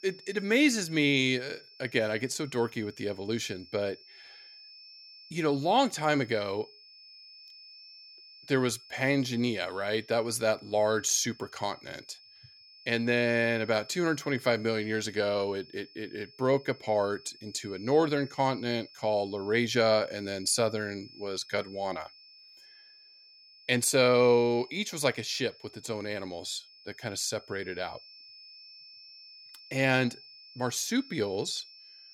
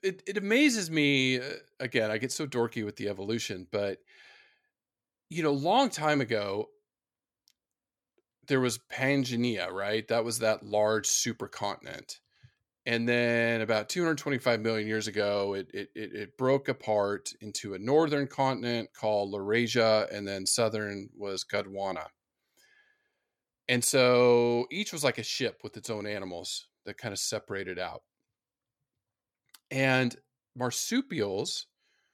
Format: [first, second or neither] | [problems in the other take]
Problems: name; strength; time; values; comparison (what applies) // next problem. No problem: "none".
second | high-pitched whine; faint; throughout; 5.5 kHz, 20 dB below the speech